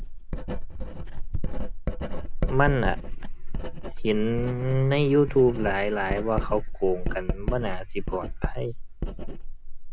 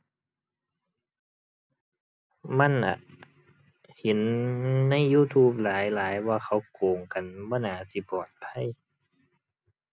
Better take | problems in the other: second | background sound (Writing); as loud as the speech

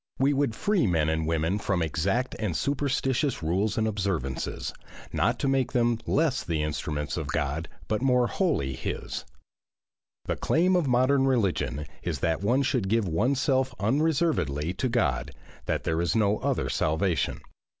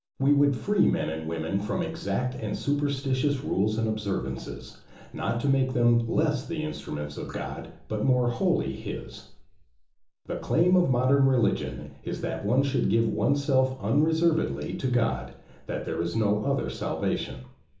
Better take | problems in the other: first | room echo; dies away in 1.2 s

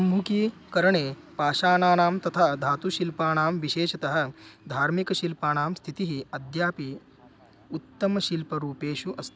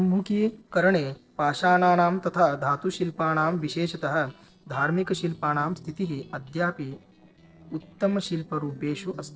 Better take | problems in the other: first | noise reduction (neural separator model SepFormer DNS4)

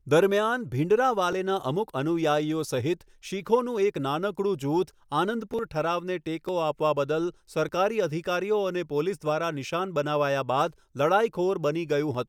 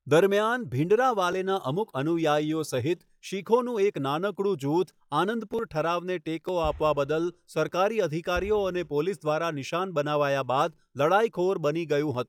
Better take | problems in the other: first | noise reduction (classical method log-MMSE)

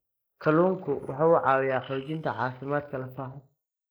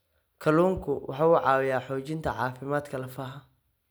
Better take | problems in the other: second | noise reduction (neural mask model Resemble Enhance denoiser)

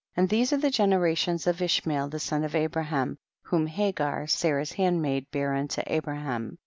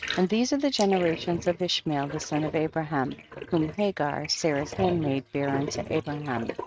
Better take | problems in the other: first | noise reduction (neural mask model RNNoise)

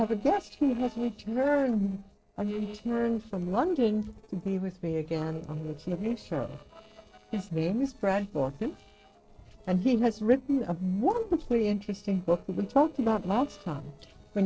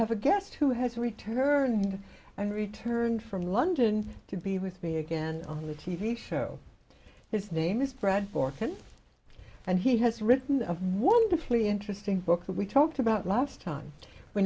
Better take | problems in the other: second | noise reduction (neural separator model SepFormer DNS4)

